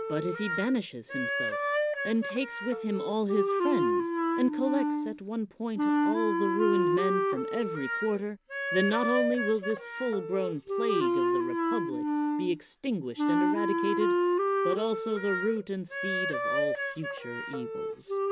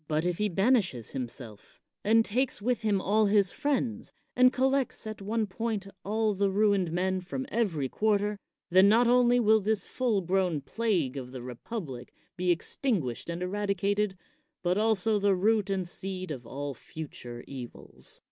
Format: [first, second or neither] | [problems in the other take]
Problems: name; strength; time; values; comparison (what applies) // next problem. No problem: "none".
second | background sound (Wind instrument, woodwind instrument); 2 dB above the speech